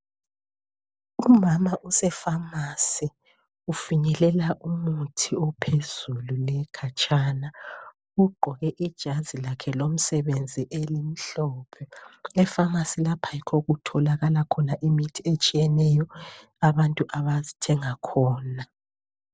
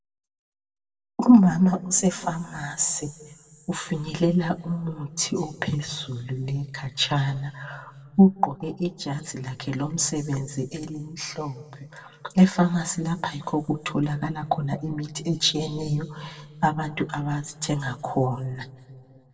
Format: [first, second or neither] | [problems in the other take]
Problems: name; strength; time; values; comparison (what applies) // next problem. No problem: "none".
first | room echo; dies away in 1.6 s